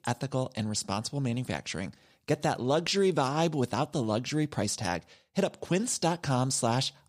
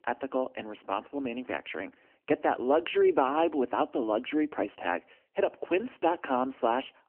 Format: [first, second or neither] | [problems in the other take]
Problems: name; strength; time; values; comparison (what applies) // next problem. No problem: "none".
first | phone-call audio; nothing above 3 kHz